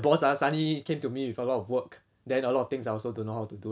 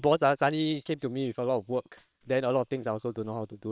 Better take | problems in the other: first | noise reduction (neural separator model SepFormer WHAM!)

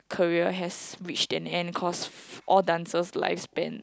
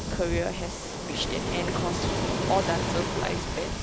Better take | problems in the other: first | background sound (Waves, surf); 2 dB above the speech

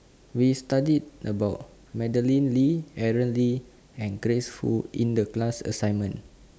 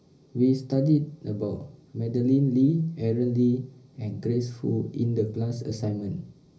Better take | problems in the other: first | room echo; dies away in 0.5 s

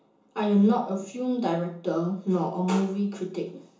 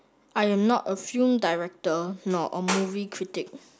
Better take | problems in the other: second | room echo; dies away in 0.7 s

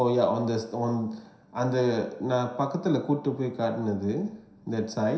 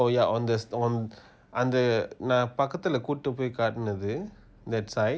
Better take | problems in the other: second | room echo; dies away in 0.7 s

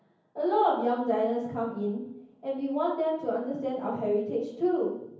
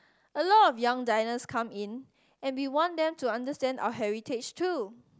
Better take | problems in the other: second | room echo; dies away in 0.9 s

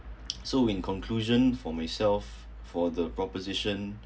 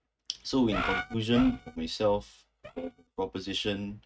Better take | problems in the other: first | noise reduction (neural mask model RNNoise)

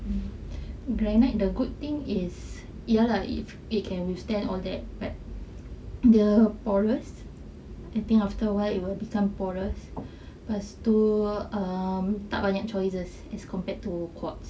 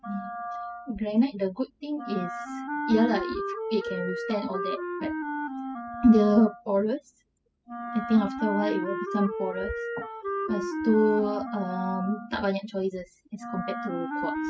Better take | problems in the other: first | noise reduction (classical method spectral subtraction)

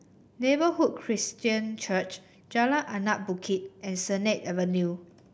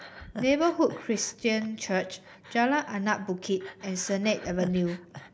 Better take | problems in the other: first | background sound (Breathing); 17 dB below the speech

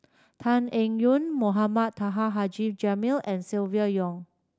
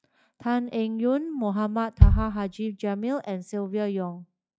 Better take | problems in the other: first | noise reduction (classical method log-MMSE)

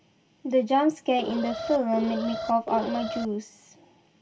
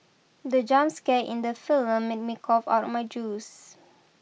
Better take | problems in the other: second | background sound (Alarm); 7 dB below the speech // room echo; dies away in 0.2 s

